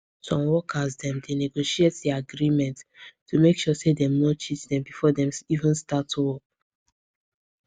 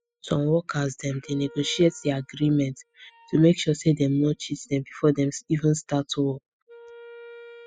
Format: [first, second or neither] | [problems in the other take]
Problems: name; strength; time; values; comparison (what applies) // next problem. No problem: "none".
first | noise reduction (classical method spectral subtraction)